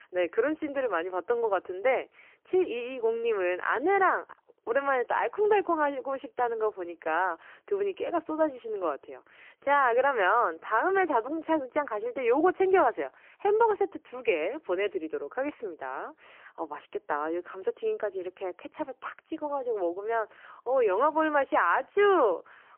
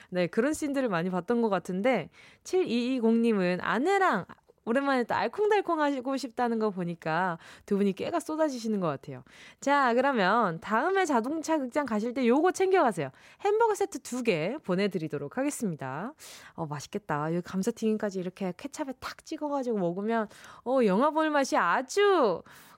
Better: second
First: phone-call audio; poor line; nothing above 3 kHz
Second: none

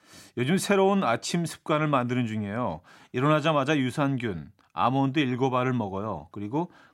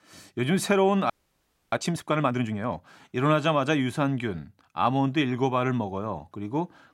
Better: first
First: none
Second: audio freezing; at 1 s for 0.5 s

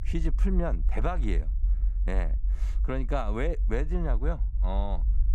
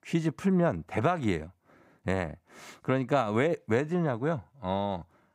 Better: second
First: low rumble; noticeable; throughout; 20 dB below the speech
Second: none

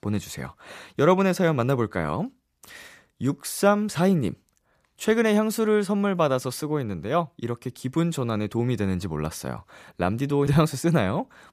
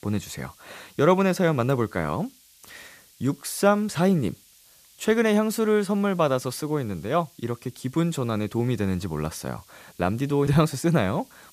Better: first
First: none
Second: hiss; faint; throughout; 30 dB below the speech

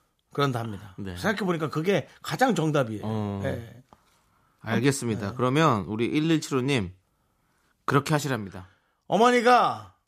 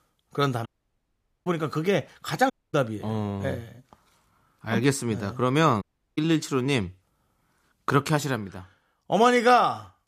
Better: first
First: none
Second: audio cutting out; at 0.5 s for 1 s, at 2.5 s and at 6 s

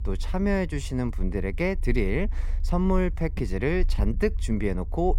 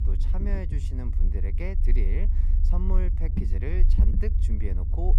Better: first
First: low rumble; faint; throughout; 25 dB below the speech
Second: low rumble; loud; throughout; 5 dB below the speech

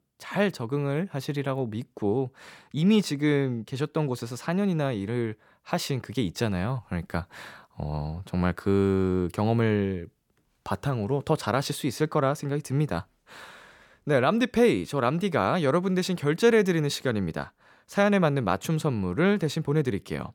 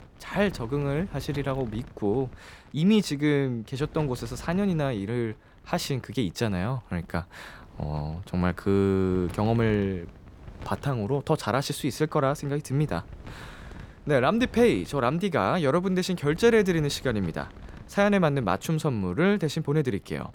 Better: first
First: none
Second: wind noise on the microphone; occasional gusts; 25 dB below the speech

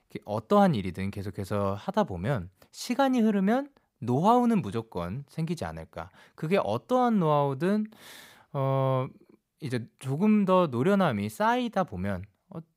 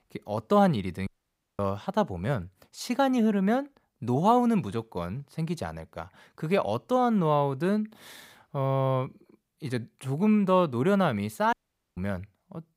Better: first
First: none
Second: audio cutting out; at 1 s for 0.5 s and at 12 s

